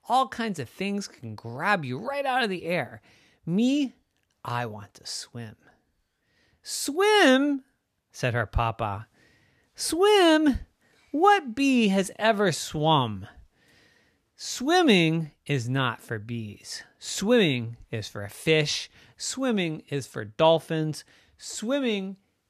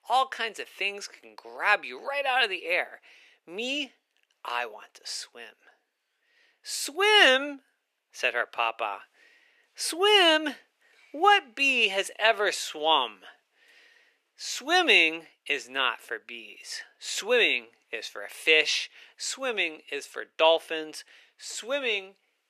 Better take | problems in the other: first | thin; very; fading below 400 Hz

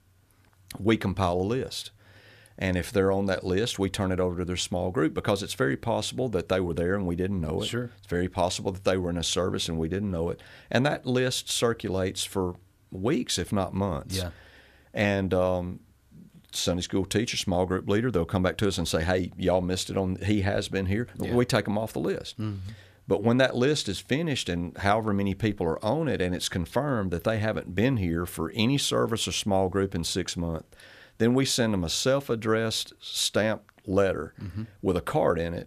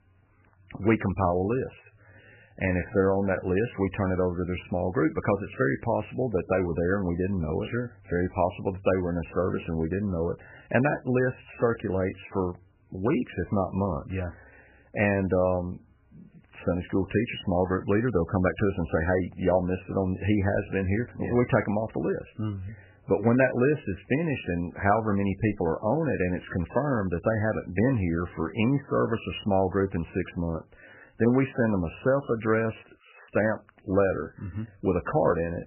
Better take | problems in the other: first | garbled, watery; badly; nothing above 3 kHz

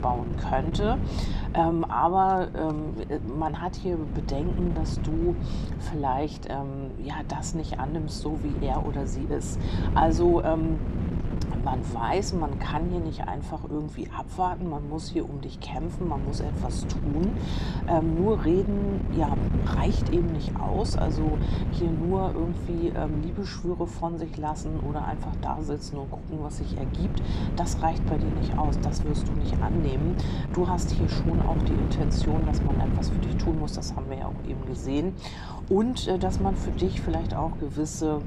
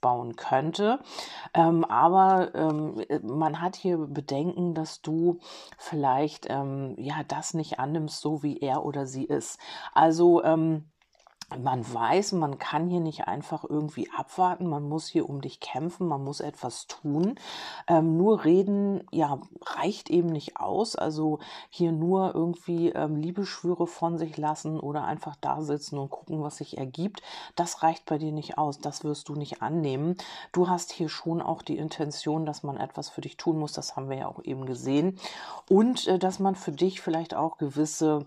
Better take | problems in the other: second | wind noise on the microphone; heavy; 9 dB below the speech

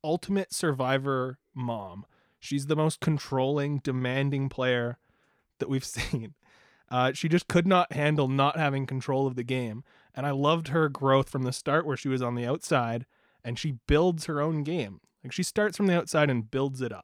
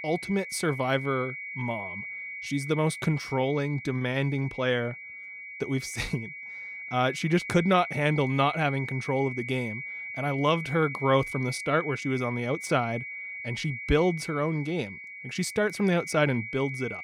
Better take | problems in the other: first | high-pitched whine; loud; throughout; 2 kHz, 9 dB below the speech

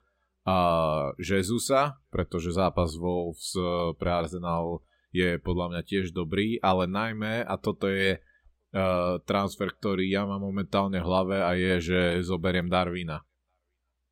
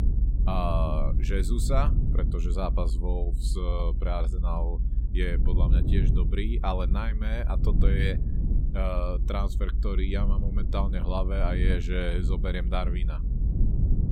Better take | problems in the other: first | low rumble; loud; throughout; 9 dB below the speech

